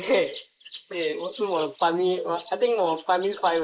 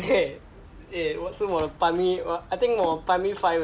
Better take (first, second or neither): second